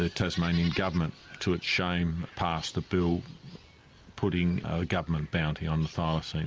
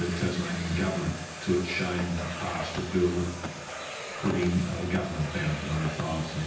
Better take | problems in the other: first | background sound (Domestic sounds, home sounds); 9 dB below the speech // room echo; dies away in 0.9 s

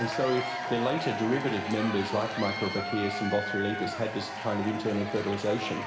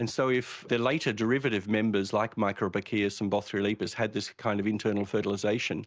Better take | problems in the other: second | background sound (Applause / Crowd / Cheering); 5 dB below the speech // room echo; dies away in 1.2 s

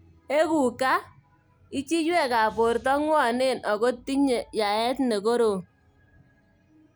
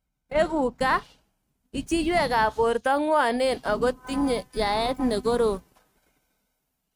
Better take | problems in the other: first | noise reduction (neural mask model RNNoise)

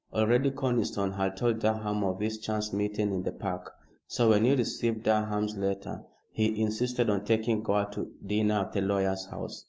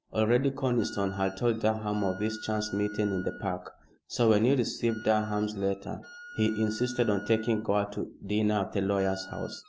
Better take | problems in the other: first | background sound (Wind instrument, woodwind instrument); 19 dB below the speech

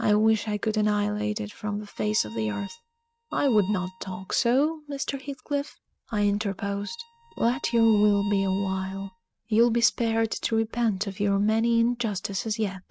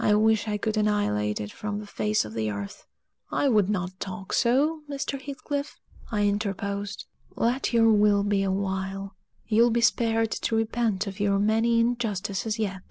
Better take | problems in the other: second | noise reduction (neural mask model RNNoise)

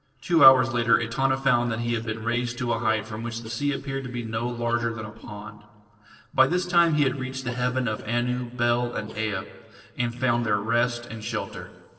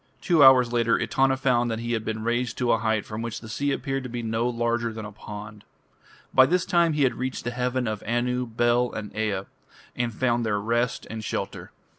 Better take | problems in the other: second | noise reduction (neural separator model SepFormer DNS4)

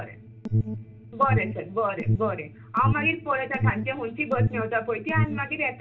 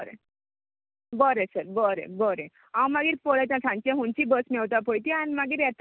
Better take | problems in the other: second | background sound (Alarm); as loud as the speech // room echo; dies away in 0.2 s

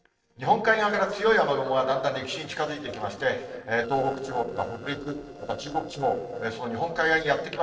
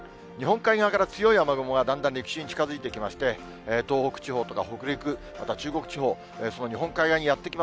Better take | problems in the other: second | noise reduction (neural separator model SepFormer DNS4)

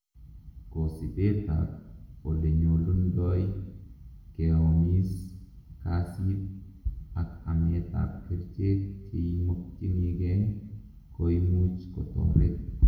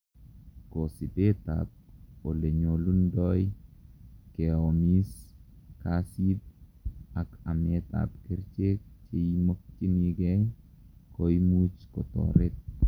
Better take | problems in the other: second | room echo; dies away in 0.9 s

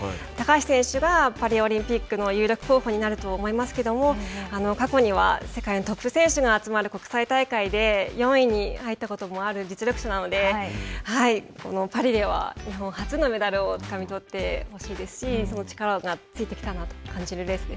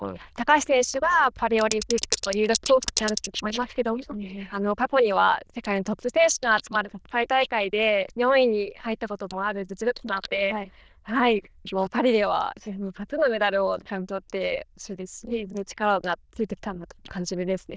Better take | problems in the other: first | noise reduction (neural diffusion model UNIVERSE++)

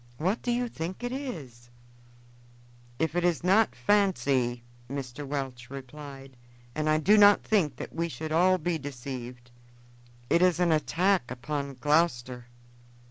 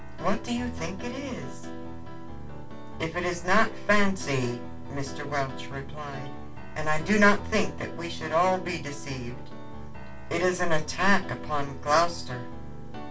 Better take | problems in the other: first | background sound (Piano); 14 dB below the speech // room echo; dies away in 0.2 s

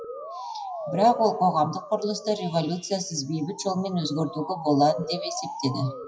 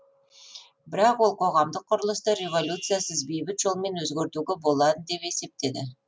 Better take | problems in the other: second | noise reduction (classical method WPE with log-MMSE)

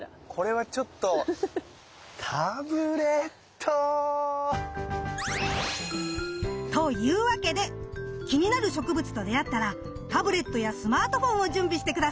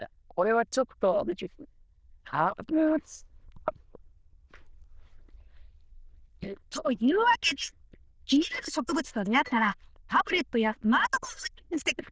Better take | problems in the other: first | noise reduction (neural diffusion model UNIVERSE++)

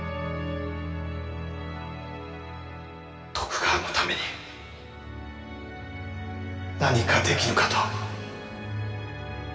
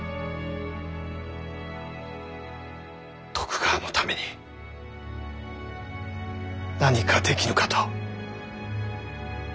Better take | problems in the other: second | room echo; dies away in 2.2 s

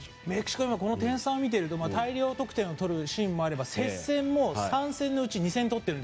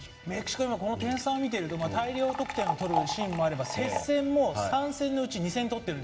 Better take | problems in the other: first | background sound (Liquid); 6 dB below the speech // room echo; dies away in 1.3 s

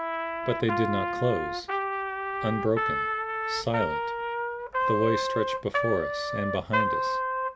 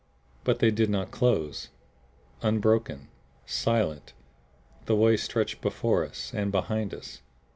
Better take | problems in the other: second | background sound (Trumpet); 1 dB above the speech

